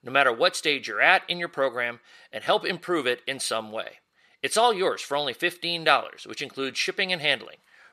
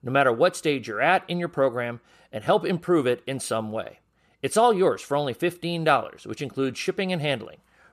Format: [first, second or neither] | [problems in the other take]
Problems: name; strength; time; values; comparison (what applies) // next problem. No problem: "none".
second | thin; somewhat; fading below 1 kHz